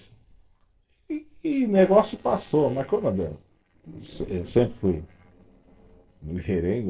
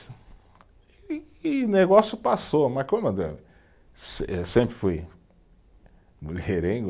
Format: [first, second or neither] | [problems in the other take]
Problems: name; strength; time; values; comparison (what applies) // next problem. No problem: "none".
second | noise reduction (neural separator model SepFormer DNS4)